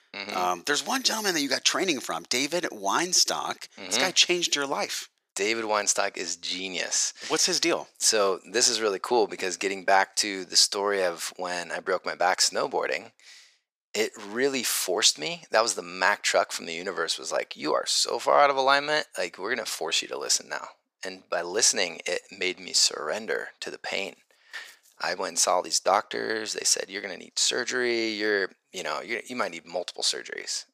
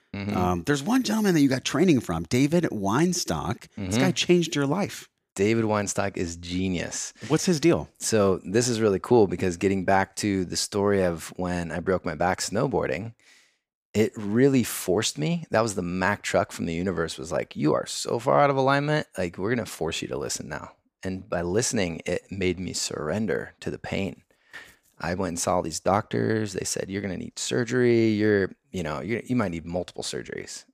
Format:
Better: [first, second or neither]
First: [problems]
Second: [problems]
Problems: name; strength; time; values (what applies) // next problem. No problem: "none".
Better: second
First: thin; very; fading below 600 Hz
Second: none